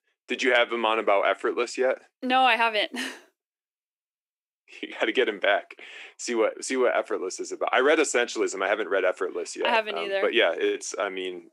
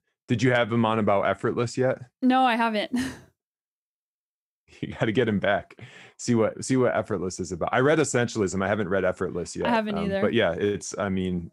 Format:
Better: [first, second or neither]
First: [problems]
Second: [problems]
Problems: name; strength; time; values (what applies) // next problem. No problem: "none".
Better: second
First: thin; somewhat; fading below 300 Hz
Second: none